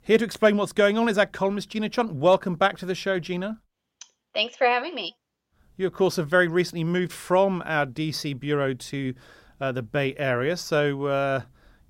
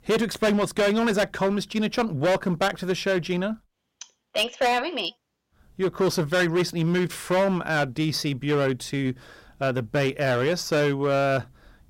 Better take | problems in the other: first | distortion; heavy; 11% of the sound clipped

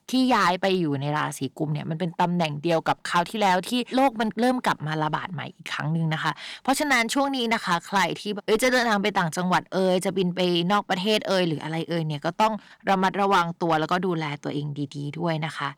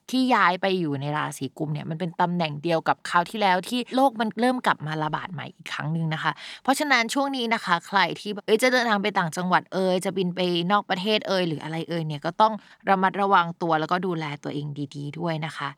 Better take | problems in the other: second | distortion; slight; 4% of the sound clipped

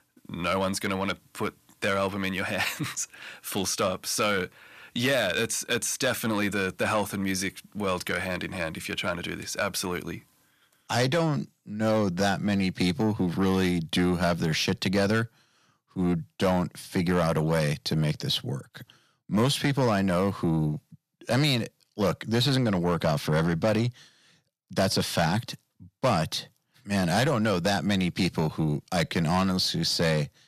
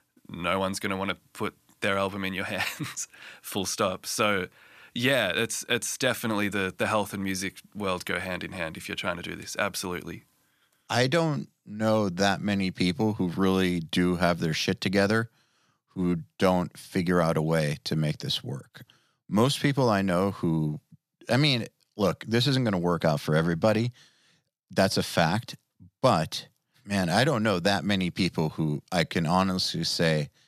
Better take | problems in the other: second | distortion; slight; 10 dB below the speech

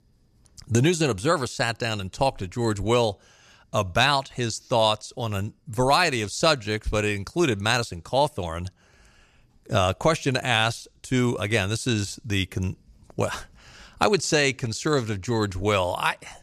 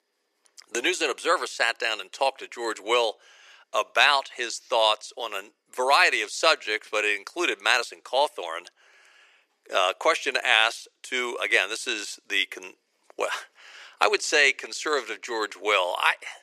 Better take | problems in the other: first | thin; very; fading below 400 Hz

